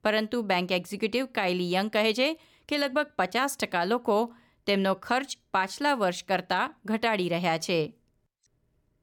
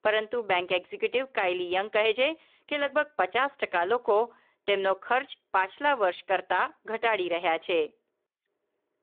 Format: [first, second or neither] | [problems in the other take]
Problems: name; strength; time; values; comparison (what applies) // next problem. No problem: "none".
first | phone-call audio